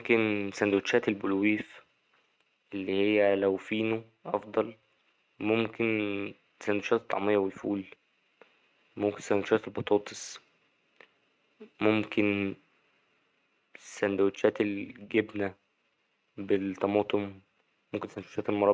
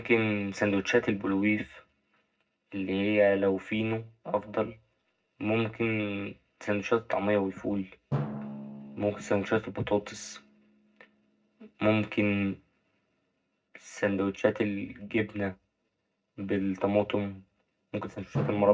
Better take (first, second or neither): first